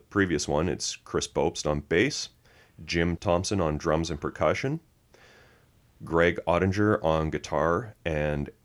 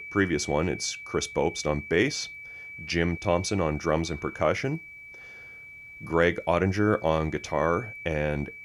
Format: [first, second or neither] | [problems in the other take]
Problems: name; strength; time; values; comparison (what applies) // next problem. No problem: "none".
first | high-pitched whine; noticeable; throughout; 2.5 kHz, 15 dB below the speech